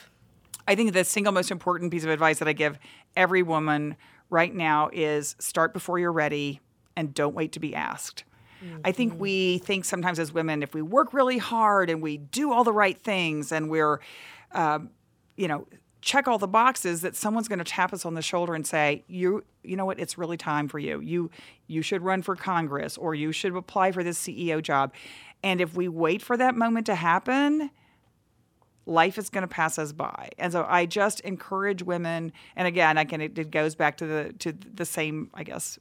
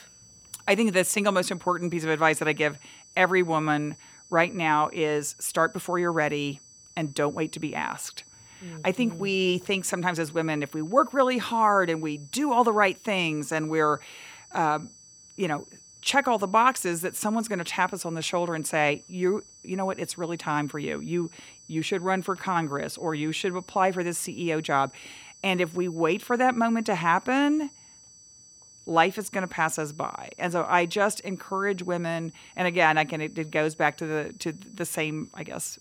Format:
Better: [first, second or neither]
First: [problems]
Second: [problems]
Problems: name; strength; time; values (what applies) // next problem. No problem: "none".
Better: first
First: none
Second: high-pitched whine; faint; throughout; 6 kHz, 25 dB below the speech